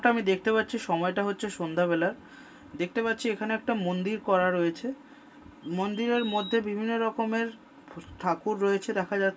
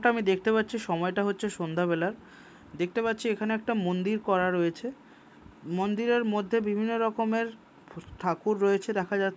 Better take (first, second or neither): second